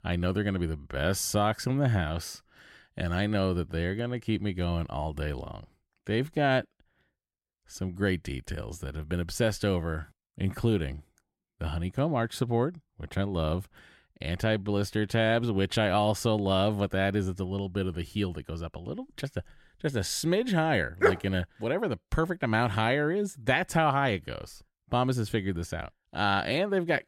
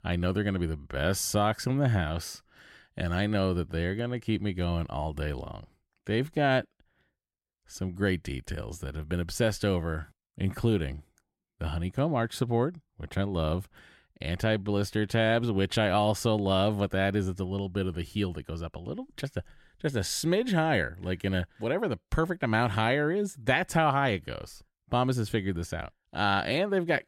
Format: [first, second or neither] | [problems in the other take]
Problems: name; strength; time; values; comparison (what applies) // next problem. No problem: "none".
second | dog barking; loud; at 21 s; peak 3 dB above the speech